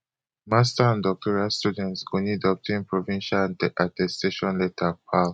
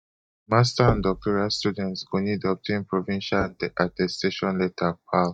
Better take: first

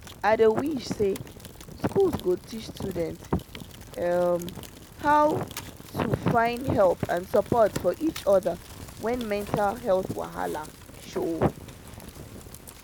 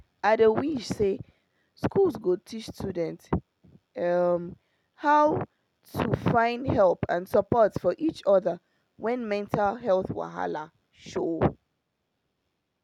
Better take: second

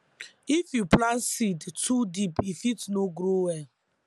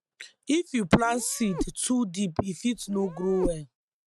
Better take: first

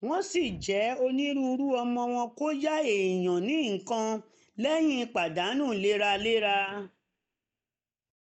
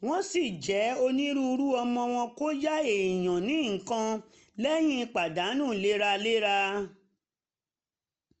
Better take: second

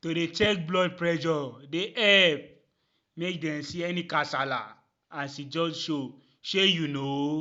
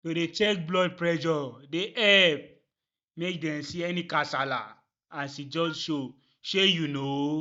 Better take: first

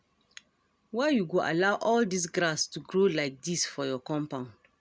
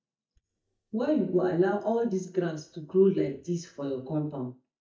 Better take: first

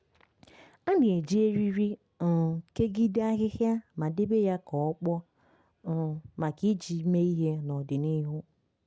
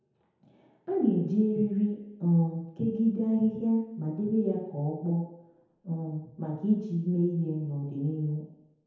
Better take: first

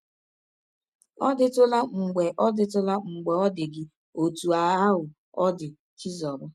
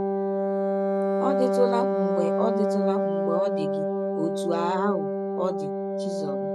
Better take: first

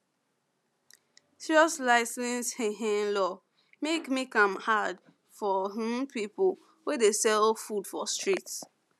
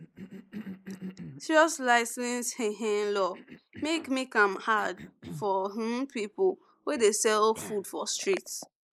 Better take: first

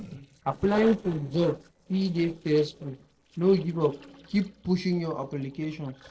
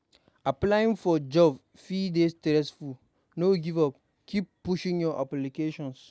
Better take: second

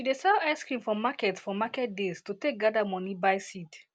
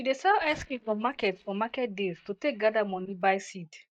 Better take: first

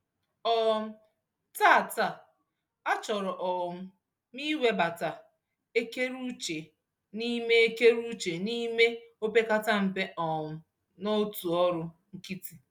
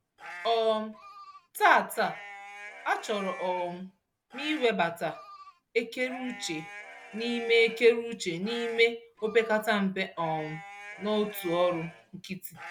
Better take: first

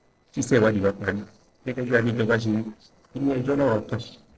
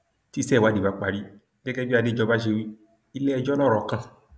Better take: second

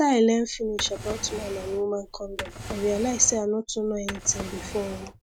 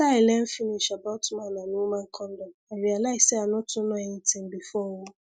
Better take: second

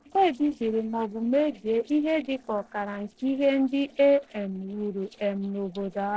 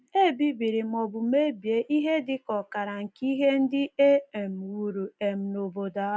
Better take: second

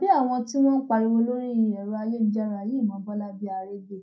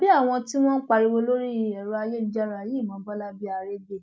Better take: second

